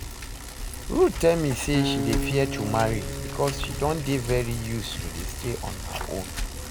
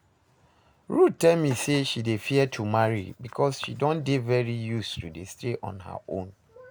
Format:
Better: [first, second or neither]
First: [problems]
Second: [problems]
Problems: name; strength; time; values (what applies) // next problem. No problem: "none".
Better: second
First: background sound (Bicycle + Acoustic guitar); 4 dB below the speech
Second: none